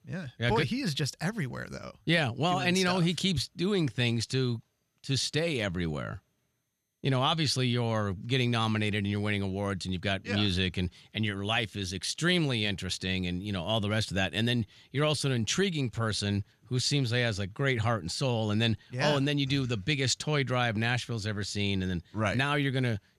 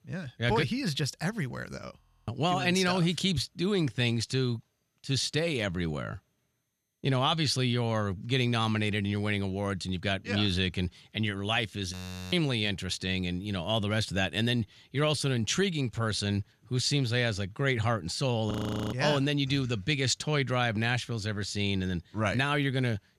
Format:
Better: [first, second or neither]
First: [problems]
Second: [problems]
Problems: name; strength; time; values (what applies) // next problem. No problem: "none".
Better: first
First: none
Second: audio freezing; at 2 s, at 12 s and at 19 s